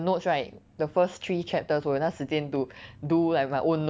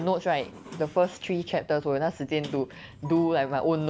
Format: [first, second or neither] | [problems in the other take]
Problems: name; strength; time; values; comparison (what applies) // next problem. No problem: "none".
first | background sound (Sliding door); 20 dB below the speech